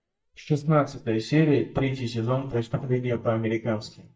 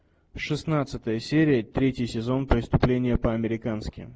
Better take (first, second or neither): second